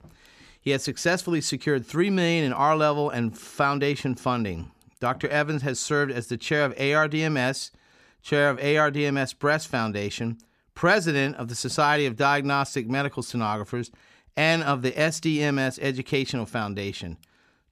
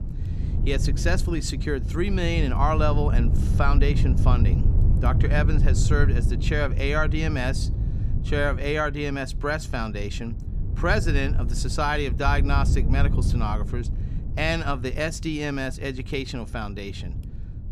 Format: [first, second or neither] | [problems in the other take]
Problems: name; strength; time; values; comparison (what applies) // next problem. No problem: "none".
first | wind noise on the microphone; occasional gusts; 10 dB below the speech